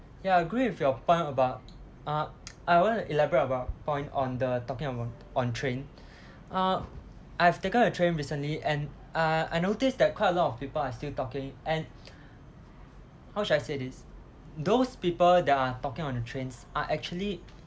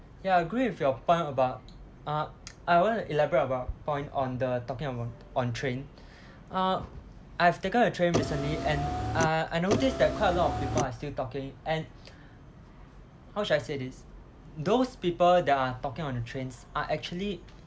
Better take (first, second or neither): first